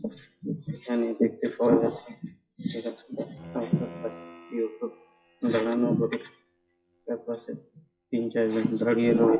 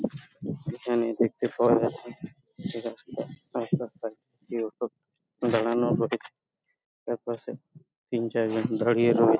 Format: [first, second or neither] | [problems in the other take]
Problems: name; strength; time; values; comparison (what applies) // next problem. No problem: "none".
second | noise reduction (classical method WPE with log-MMSE)